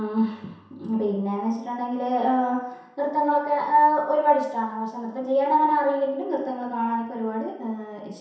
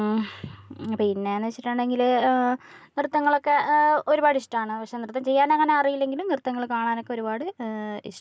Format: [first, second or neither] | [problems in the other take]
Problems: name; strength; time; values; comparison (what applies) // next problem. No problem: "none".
second | room echo; dies away in 0.7 s